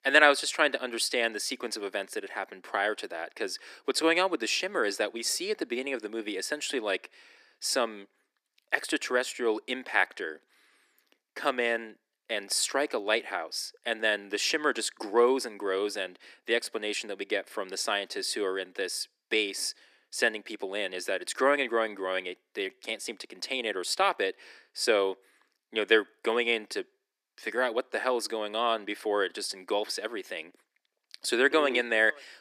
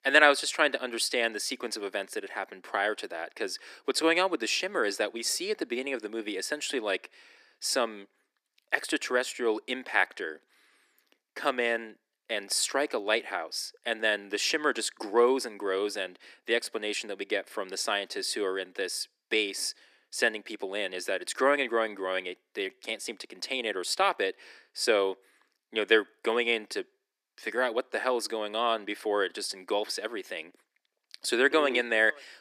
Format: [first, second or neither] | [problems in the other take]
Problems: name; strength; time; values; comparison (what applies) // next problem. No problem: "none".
neither | thin; very; fading below 300 Hz; the same in both